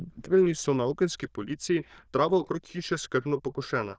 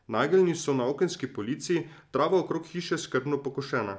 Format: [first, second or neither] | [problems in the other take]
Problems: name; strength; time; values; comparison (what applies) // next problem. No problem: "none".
second | noise reduction (neural diffusion model UNIVERSE++)